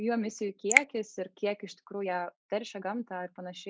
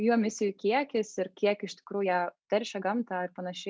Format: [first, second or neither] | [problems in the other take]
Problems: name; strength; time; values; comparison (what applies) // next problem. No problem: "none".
second | noise reduction (neural mask model Resemble Enhance denoiser)